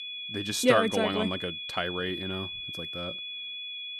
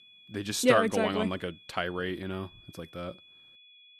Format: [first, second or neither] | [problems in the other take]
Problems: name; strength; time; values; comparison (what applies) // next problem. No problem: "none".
second | high-pitched whine; loud; throughout; 3.5 kHz, 6 dB below the speech; faint in the second